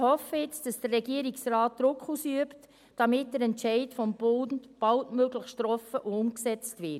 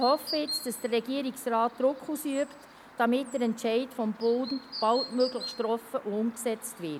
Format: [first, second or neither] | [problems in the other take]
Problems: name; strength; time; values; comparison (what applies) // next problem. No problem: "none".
first | background sound (Chirp, tweet); 13 dB below the speech